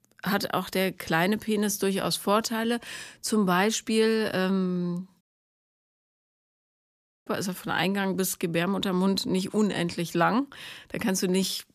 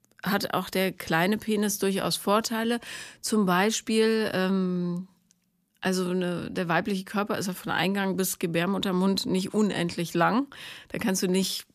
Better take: second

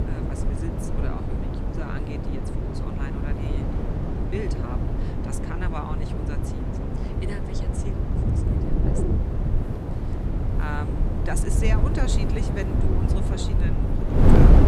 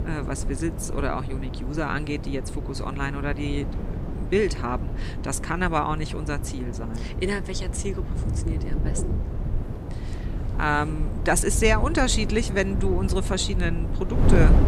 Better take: second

